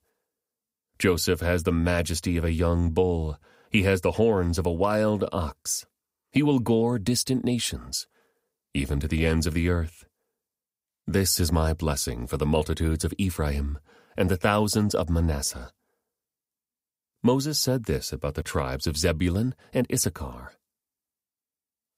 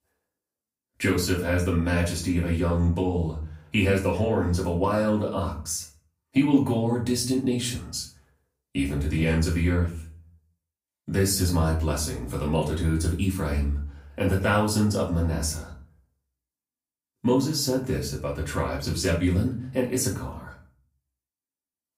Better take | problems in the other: first | off-mic speech; far // room echo; slight; dies away in 0.4 s

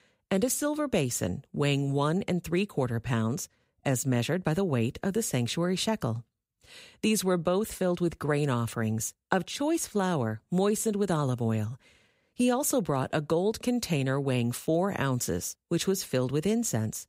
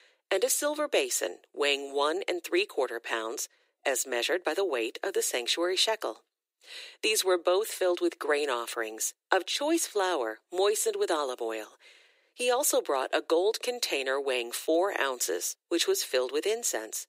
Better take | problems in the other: first | thin; very; fading below 350 Hz

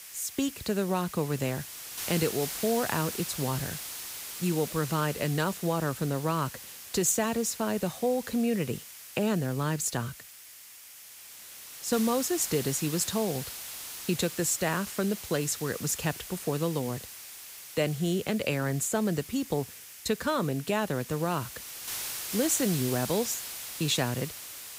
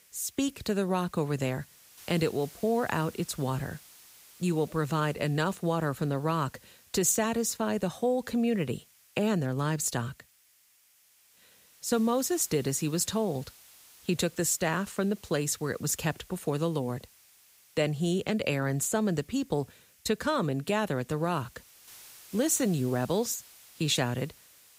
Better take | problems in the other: second | hiss; loud; throughout; 8 dB below the speech; faint in the second

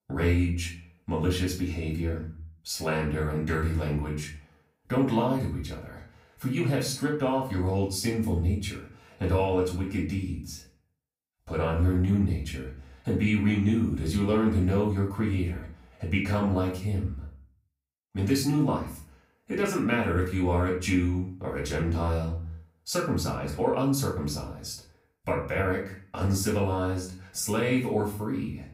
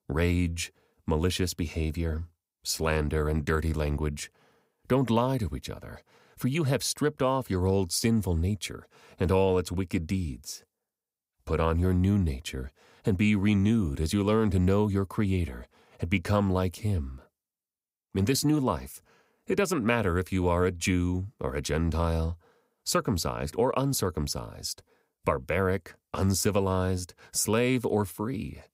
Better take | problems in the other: second | off-mic speech; far // room echo; slight; dies away in 0.4 s

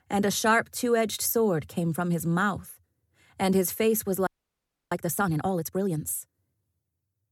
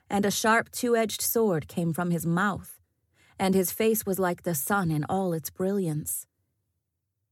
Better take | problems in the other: second | audio freezing; at 4.5 s for 0.5 s

